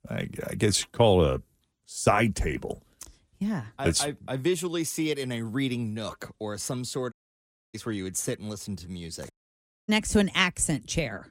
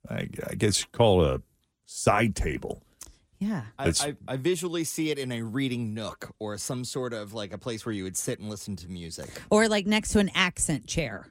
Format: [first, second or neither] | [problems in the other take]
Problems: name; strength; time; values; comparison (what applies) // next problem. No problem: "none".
second | audio cutting out; at 7 s for 0.5 s and at 9.5 s for 0.5 s